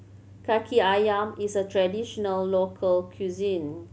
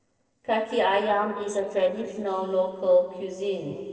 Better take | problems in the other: first | noise reduction (neural separator model SepFormer DNS4)

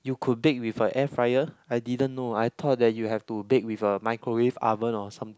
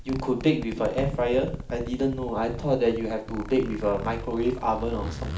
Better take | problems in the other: first | background sound (Zipper (clothing)); 9 dB below the speech // room echo; dies away in 0.4 s

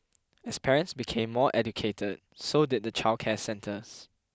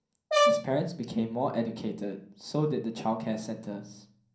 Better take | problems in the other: first | background sound (Brass instrument); 5 dB above the speech // room echo; dies away in 0.6 s

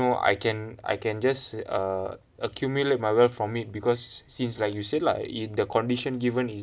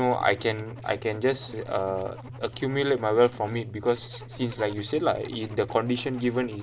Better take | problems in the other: first | background sound (Zipper (clothing) + Scissors); 15 dB below the speech

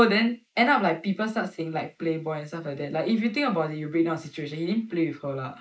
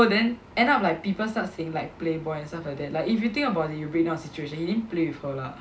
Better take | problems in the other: second | noise reduction (neural mask model Resemble Enhance denoiser)

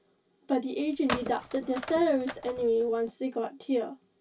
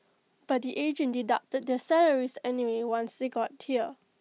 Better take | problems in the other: second | background sound (Telephone); 10 dB below the speech // room echo; dies away in 0.1 s

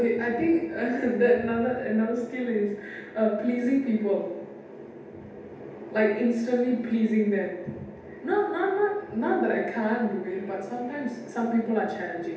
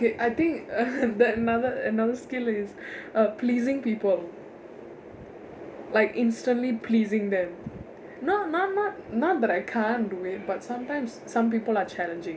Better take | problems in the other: second | room echo; dies away in 0.8 s

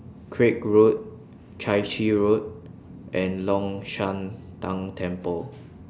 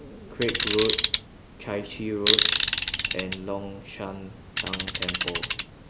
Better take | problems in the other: first | background sound (Tools); 4 dB above the speech

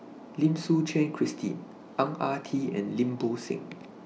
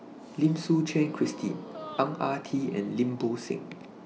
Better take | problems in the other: first | background sound (Gasp); 18 dB below the speech

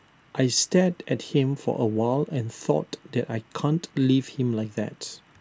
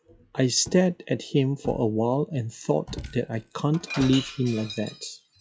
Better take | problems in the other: first | noise reduction (classical method log-MMSE)

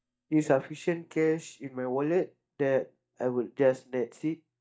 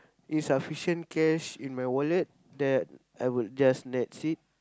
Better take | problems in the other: second | noise reduction (neural mask model DeepFilterNet 3)

